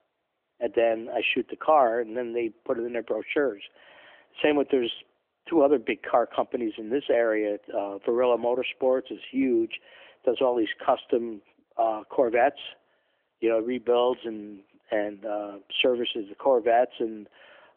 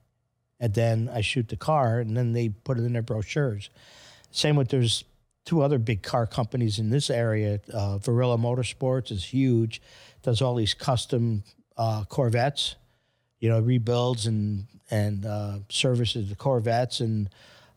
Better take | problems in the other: second | phone-call audio; nothing above 3.5 kHz

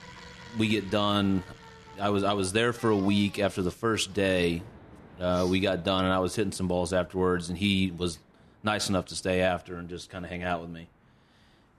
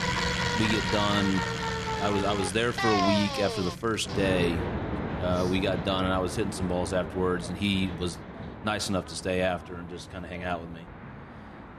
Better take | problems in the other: first | traffic noise; loud; throughout; 3 dB below the speech; faint in the first

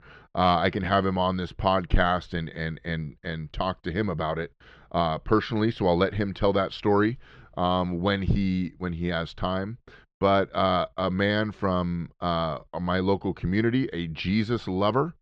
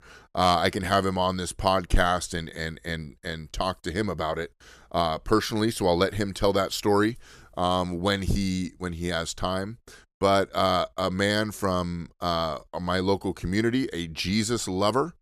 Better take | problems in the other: second | muffled; slightly; fading above 3.5 kHz

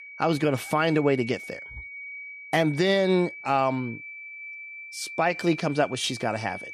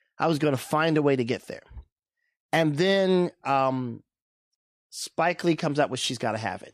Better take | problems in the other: second | high-pitched whine; noticeable; throughout; 2.5 kHz, 15 dB below the speech

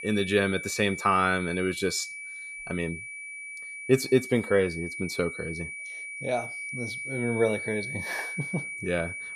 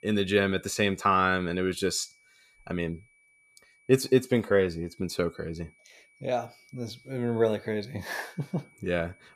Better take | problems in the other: second | high-pitched whine; loud; throughout; 2.5 kHz, 7 dB below the speech; faint in the second

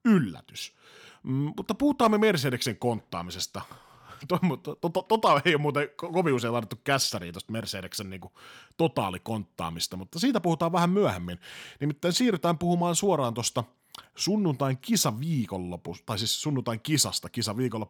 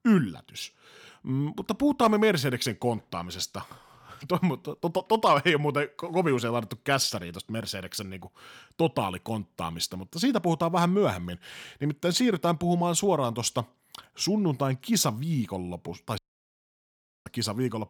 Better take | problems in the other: first | audio cutting out; at 16 s for 1 s

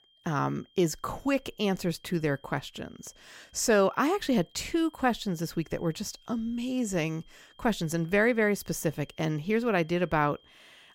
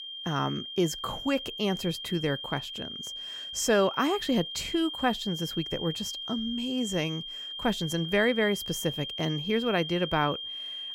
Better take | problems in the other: first | high-pitched whine; loud; throughout; 3 kHz, 6 dB below the speech; faint in the first

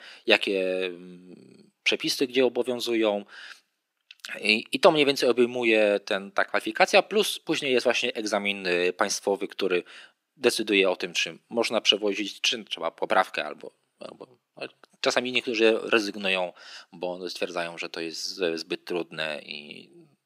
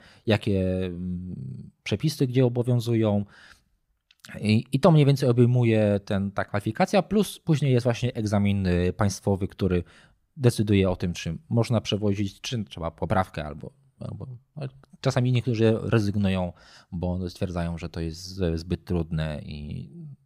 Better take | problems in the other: second | thin; somewhat; fading below 300 Hz

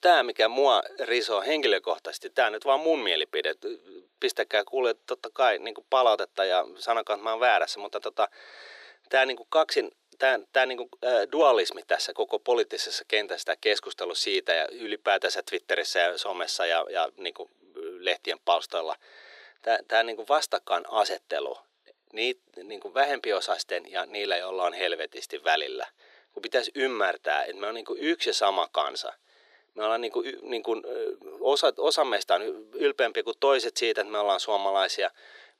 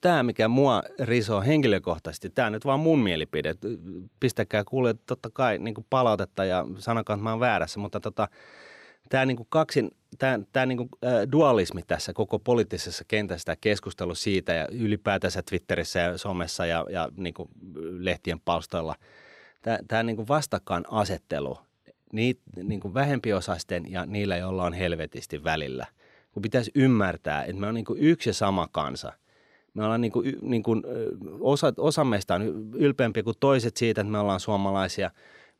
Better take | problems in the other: second | thin; very; fading below 350 Hz

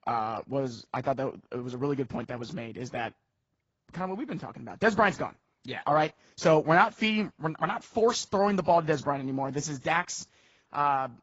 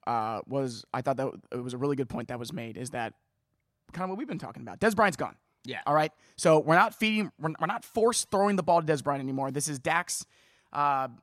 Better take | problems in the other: second | garbled, watery; badly; nothing above 7.5 kHz

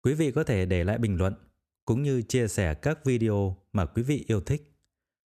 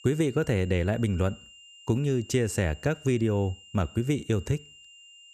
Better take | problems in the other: first | high-pitched whine; faint; throughout; 3 kHz, 20 dB below the speech

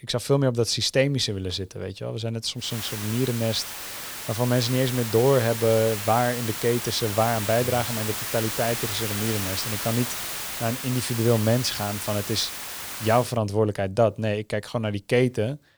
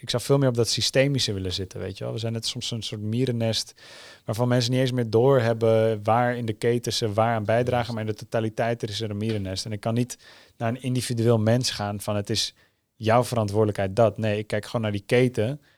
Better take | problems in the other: second | hiss; loud; from 2.5 to 13 s; 5 dB below the speech

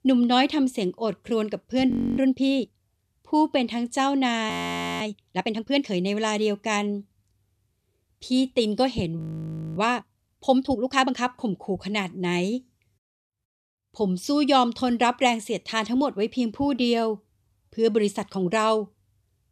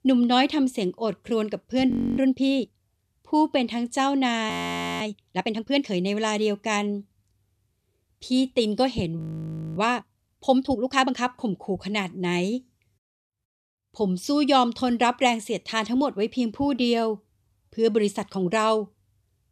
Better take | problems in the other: neither | audio freezing; at 2 s, at 4.5 s for 0.5 s and at 9 s for 0.5 s; the same in both

